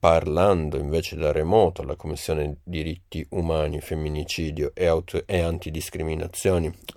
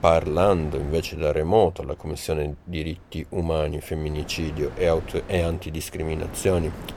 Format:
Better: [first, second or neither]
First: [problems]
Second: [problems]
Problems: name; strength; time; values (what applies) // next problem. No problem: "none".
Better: first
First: none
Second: wind noise on the microphone; occasional gusts; 20 dB below the speech